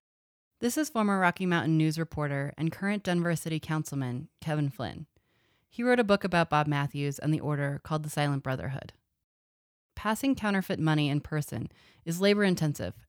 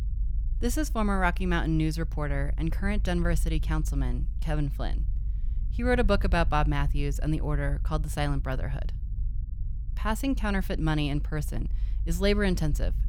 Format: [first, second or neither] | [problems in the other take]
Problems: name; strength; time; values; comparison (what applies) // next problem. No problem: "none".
first | low rumble; faint; throughout; 20 dB below the speech